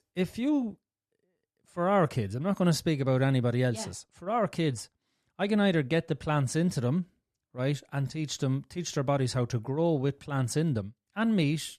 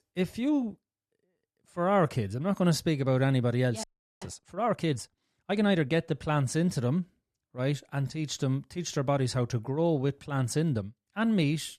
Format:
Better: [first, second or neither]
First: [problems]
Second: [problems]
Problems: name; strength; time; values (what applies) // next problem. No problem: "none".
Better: first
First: none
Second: audio freezing; at 4 s